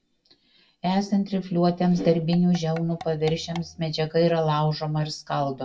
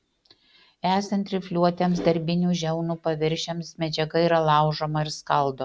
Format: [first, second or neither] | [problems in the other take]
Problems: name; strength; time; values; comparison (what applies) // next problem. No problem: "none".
second | background sound (Tap / Percussion); 20 dB below the speech // room echo; dies away in 0.1 s